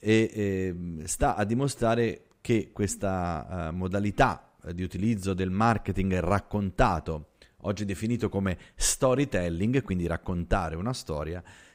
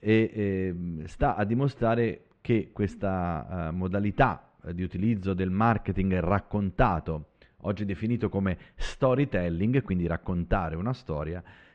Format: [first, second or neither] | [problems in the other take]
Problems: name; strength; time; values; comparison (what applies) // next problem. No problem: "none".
first | muffled; very; fading above 3 kHz